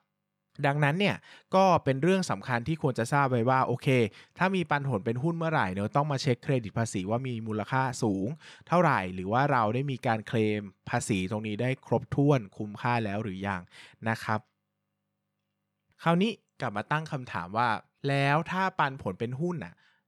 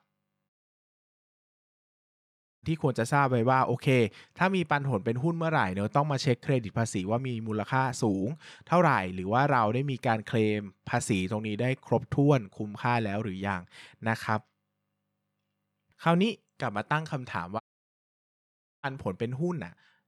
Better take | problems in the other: first | audio cutting out; at 0.5 s for 2 s and at 18 s for 1 s

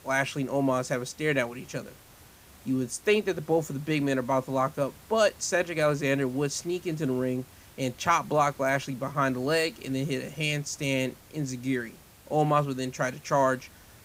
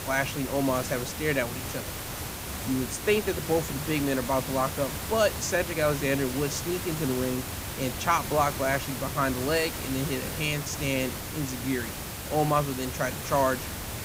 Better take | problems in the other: first | hiss; loud; throughout; 5 dB below the speech; faint in the first

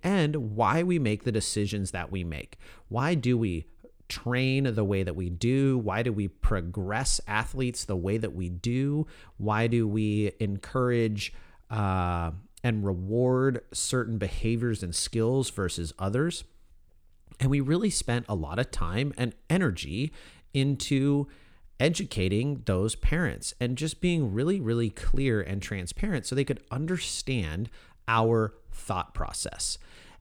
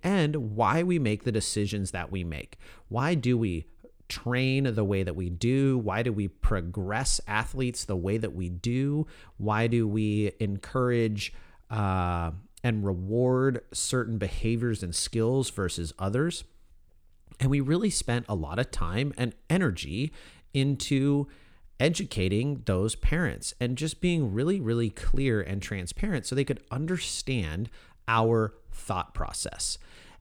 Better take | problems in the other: neither | none

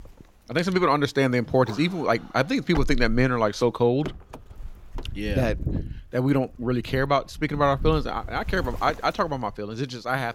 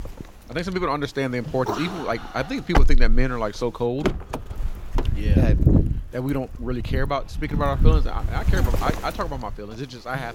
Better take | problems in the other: first | wind noise on the microphone; heavy; 4 dB below the speech; occasional gusts in the first

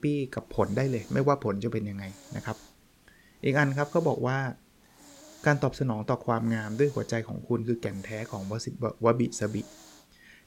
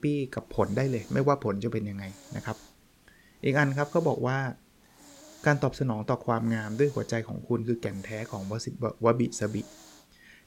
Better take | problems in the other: neither | hiss; faint; throughout; 25 dB below the speech; the same in both

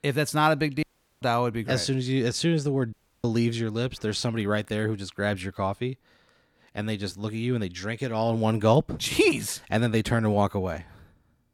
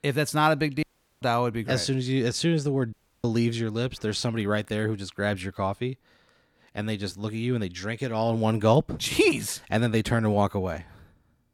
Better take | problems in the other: neither | audio cutting out; at 1 s and at 3 s; the same in both

